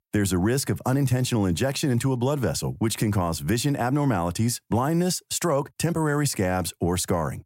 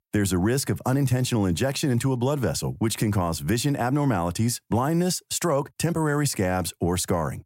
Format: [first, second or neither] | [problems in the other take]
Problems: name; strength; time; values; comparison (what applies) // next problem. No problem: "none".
neither | none